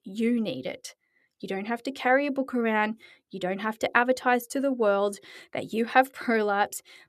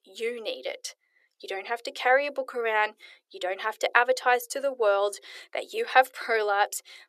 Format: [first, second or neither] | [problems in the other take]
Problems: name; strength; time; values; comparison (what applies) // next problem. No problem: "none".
first | thin; very; fading below 400 Hz